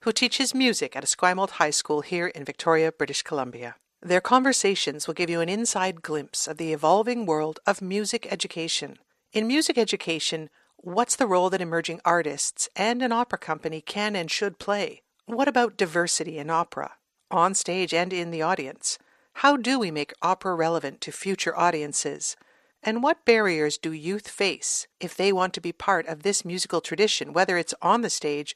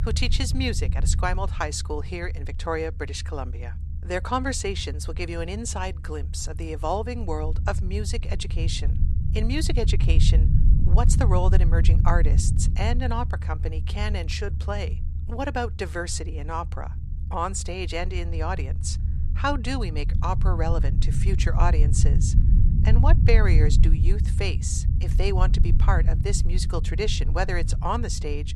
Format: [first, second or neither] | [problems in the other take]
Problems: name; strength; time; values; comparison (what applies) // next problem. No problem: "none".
first | low rumble; noticeable; throughout; 10 dB below the speech